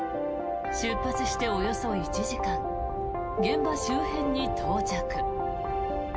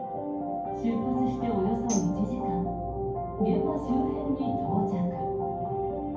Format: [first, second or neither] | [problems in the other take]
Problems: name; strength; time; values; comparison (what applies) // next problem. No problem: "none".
first | background sound (Tambourine); 16 dB below the speech // room echo; dies away in 0.9 s